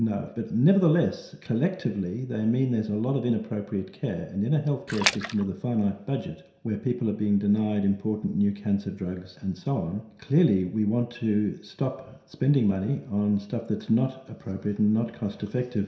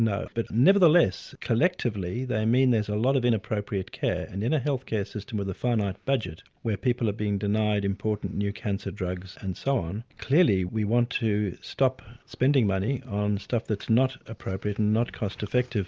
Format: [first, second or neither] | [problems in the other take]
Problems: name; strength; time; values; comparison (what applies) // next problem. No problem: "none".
second | background sound (Splash, splatter); 3 dB below the speech // room echo; dies away in 0.7 s